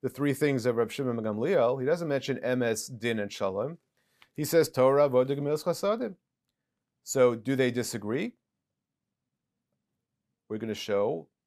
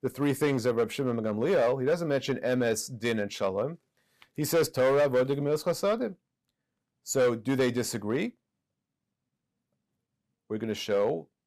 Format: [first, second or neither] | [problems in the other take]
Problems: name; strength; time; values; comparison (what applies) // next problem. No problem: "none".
first | distortion; slight; 4% of the sound clipped